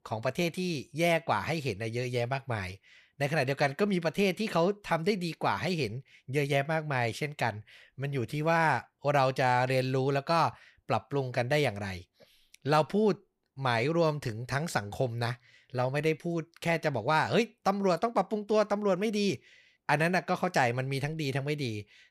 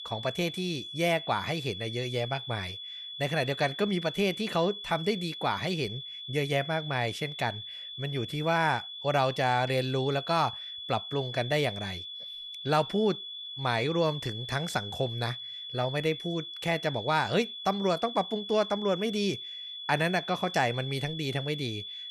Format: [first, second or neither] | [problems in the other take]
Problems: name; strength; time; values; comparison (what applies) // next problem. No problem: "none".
first | high-pitched whine; loud; throughout; 3.5 kHz, 8 dB below the speech